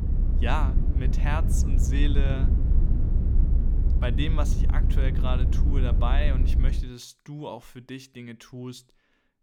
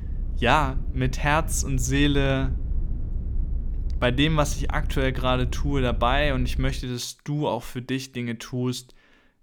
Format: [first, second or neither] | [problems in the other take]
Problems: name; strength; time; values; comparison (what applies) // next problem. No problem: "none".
second | low rumble; loud; until 7 s; 5 dB below the speech; faint in the second